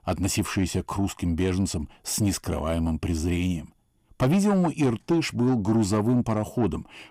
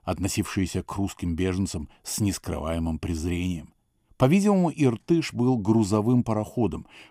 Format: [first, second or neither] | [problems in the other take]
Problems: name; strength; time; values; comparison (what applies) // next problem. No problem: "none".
second | distortion; slight; 10 dB below the speech